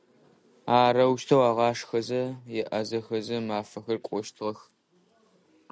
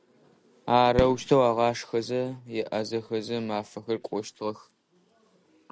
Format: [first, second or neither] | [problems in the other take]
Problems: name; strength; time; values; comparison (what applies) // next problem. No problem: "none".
first | background sound (Fireworks); 13 dB below the speech